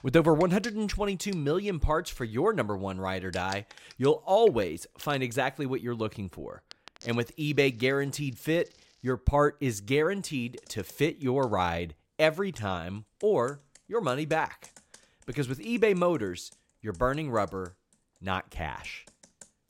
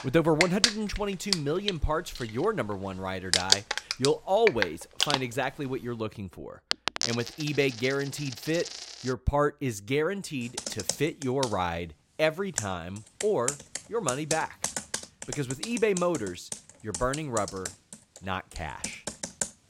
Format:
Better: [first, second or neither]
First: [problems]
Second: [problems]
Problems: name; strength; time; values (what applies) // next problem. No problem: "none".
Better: first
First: household noises; faint; throughout; 25 dB below the speech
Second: household noises; loud; throughout; 2 dB below the speech